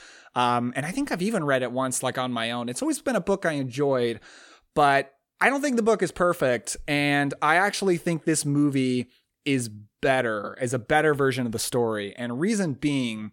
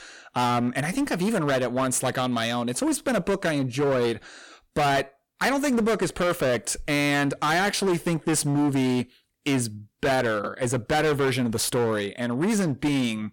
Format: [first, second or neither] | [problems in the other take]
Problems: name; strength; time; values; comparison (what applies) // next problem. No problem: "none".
first | distortion; heavy; 18% of the sound clipped